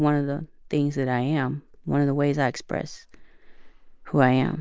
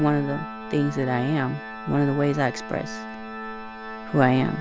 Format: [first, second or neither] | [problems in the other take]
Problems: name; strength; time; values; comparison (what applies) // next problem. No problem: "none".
first | background sound (Organ); 11 dB below the speech